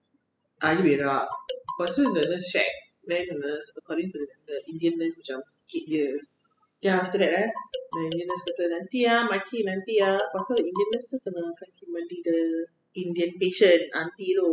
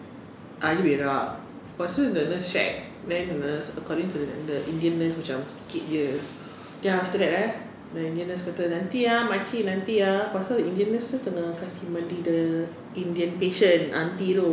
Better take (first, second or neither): second